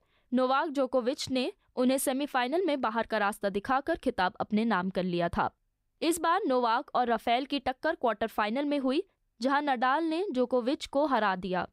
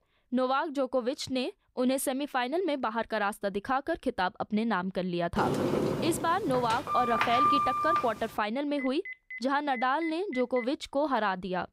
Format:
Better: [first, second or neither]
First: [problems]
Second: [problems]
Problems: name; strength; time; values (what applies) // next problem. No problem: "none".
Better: first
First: none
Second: door banging; loud; from 5.5 to 8 s; peak 6 dB above the speech // phone ringing; noticeable; from 9 to 11 s; peak 10 dB below the speech